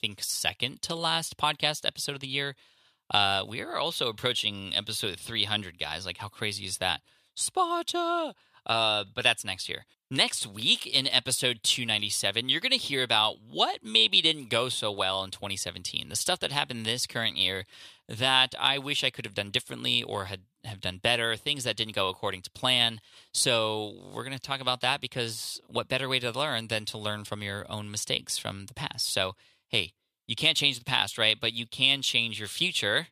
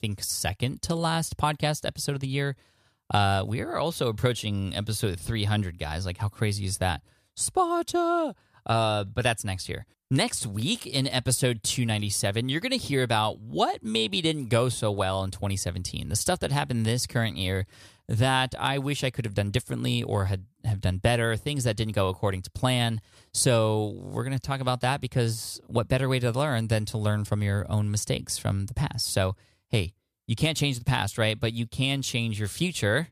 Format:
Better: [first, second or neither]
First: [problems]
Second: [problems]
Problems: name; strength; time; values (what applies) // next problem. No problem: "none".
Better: second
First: thin; somewhat; fading below 800 Hz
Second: none